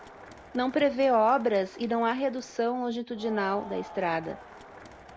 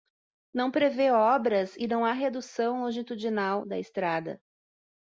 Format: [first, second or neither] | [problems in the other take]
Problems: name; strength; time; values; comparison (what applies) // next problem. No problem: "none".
second | background sound (Crowd); 18 dB below the speech